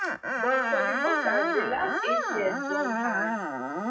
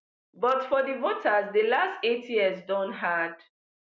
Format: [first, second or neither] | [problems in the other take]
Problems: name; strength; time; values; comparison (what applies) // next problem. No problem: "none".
second | noise reduction (classical method WPE with log-MMSE)